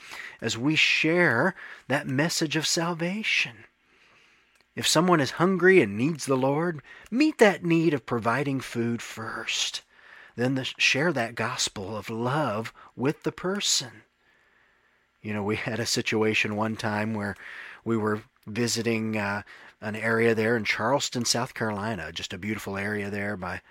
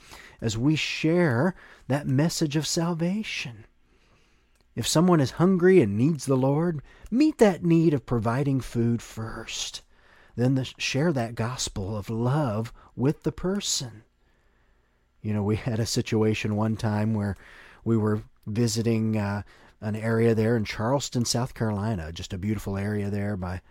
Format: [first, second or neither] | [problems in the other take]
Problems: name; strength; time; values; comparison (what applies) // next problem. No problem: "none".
second | thin; very slightly; fading below 550 Hz